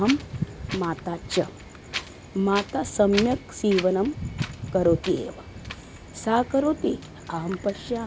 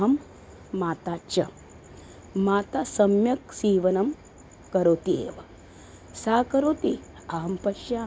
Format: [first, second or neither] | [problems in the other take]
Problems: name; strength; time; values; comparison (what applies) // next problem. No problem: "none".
second | background sound (Wind); 10 dB below the speech